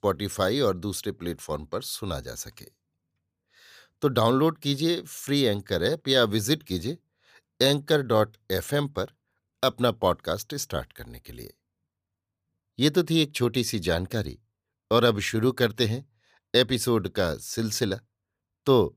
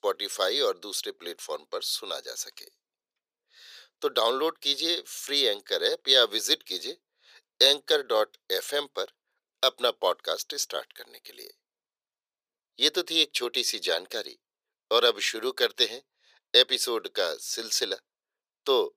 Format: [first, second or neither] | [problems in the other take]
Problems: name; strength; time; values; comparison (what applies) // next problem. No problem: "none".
first | thin; very; fading below 450 Hz